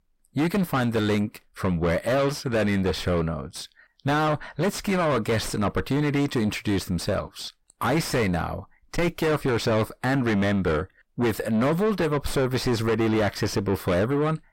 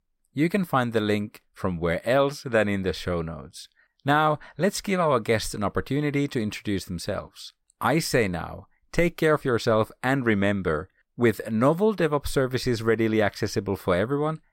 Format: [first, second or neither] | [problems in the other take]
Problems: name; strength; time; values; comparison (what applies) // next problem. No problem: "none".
second | distortion; heavy; 6 dB below the speech